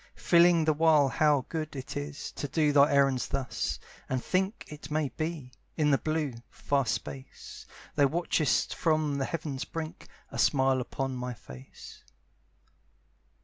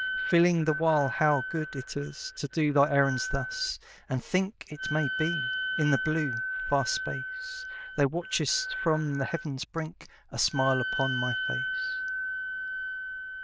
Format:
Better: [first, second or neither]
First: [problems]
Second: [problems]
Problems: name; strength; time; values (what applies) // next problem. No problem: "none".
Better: first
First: none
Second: noise reduction (neural diffusion model UNIVERSE++)